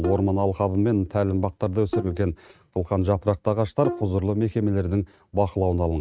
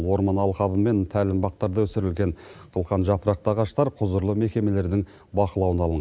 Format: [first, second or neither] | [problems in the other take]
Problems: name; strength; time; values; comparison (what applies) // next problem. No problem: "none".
second | noise reduction (neural mask model RNNoise)